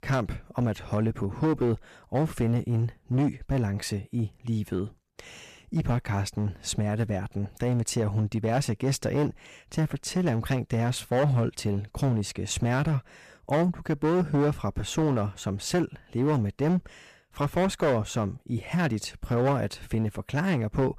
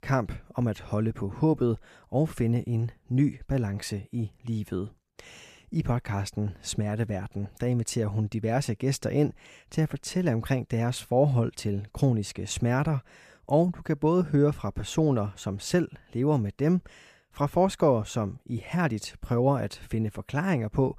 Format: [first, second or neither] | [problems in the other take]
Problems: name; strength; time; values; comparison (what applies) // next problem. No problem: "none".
second | distortion; slight; 8% of the sound clipped